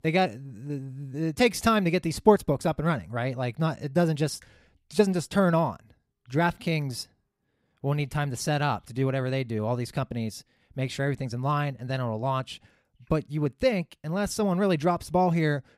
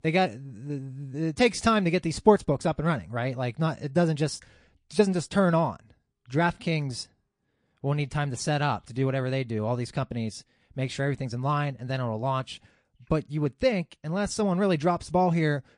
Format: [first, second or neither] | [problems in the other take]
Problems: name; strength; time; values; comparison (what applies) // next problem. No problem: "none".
first | garbled, watery; slightly